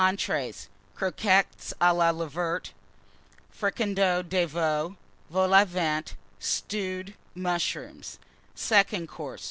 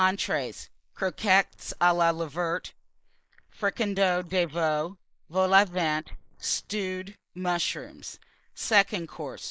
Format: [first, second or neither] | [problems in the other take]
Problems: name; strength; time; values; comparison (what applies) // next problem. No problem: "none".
first | noise reduction (neural mask model Resemble Enhance denoiser)